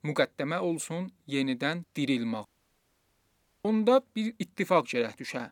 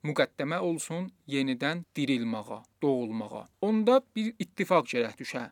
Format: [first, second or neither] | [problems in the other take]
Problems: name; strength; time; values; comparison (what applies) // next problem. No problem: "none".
second | audio cutting out; at 2.5 s for 1 s